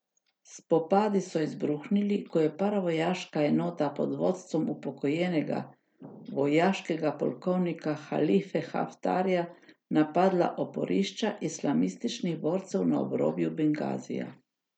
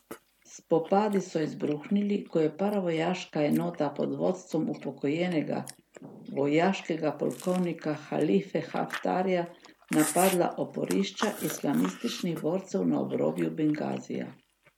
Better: first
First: none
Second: background sound (Chewing, mastication); 16 dB below the speech

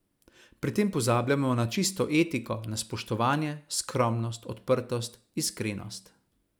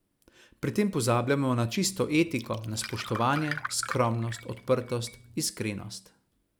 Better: first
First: none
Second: background sound (Glass); 12 dB below the speech

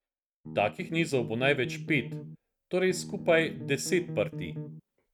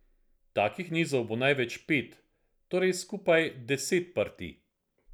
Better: second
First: noise reduction (neural mask model RNNoise)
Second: none

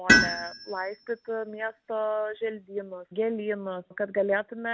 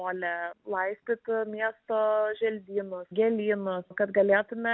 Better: second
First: background sound (Tools); 2 dB above the speech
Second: none

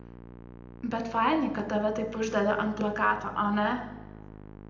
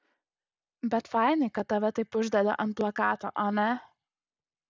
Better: second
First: background sound (Musical instrument); 16 dB below the speech // room echo; dies away in 0.7 s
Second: none

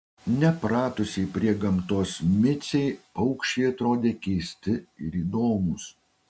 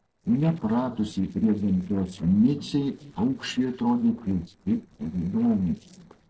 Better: first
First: none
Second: noise reduction (neural separator model SepFormer DNS4)

